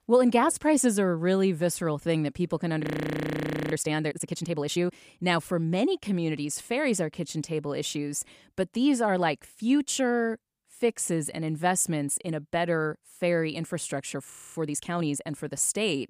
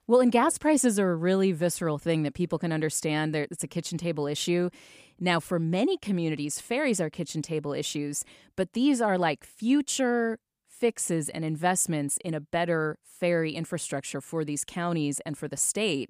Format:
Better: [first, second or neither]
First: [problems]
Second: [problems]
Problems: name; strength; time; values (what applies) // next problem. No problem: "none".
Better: second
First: audio freezing; at 3 s for 1 s and at 14 s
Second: none